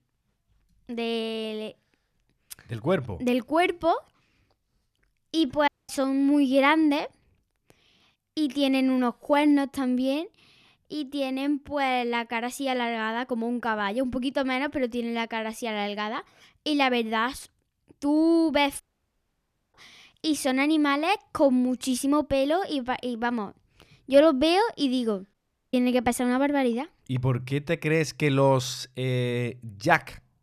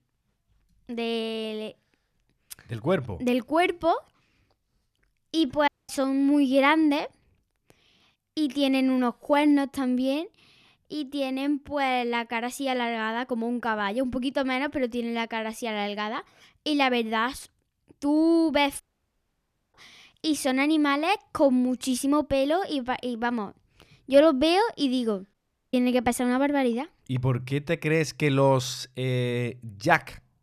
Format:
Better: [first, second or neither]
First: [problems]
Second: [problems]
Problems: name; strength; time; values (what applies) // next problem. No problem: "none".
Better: neither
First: audio cutting out; at 5.5 s, at 19 s for 1 s and at 25 s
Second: audio cutting out; at 5.5 s, at 19 s for 1 s and at 25 s